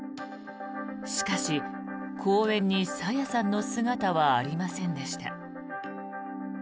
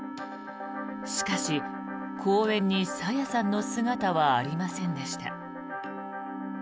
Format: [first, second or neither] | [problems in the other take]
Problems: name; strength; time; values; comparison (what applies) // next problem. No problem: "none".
first | background sound (Wind instrument, woodwind instrument); 16 dB below the speech